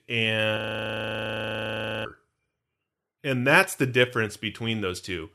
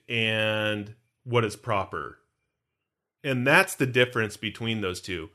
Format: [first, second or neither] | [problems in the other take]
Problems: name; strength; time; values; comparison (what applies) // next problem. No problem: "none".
second | audio freezing; at 0.5 s for 1.5 s